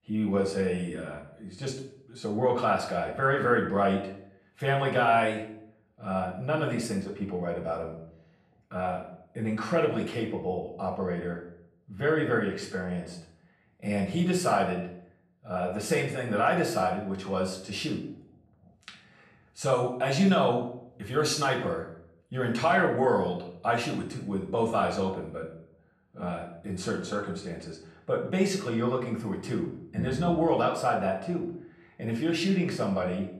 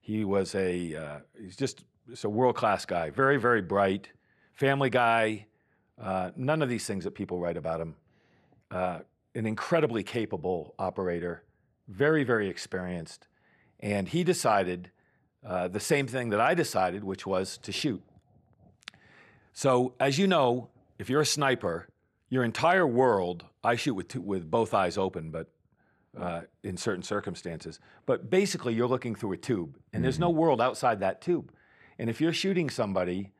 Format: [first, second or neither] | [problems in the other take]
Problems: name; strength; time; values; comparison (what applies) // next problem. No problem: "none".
second | off-mic speech; far // room echo; slight; dies away in 0.5 s